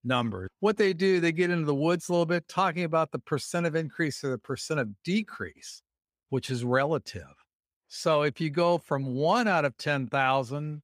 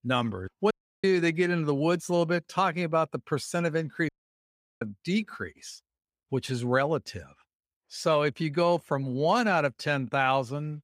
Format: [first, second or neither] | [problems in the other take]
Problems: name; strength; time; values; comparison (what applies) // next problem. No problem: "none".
first | audio cutting out; at 0.5 s and at 4 s for 0.5 s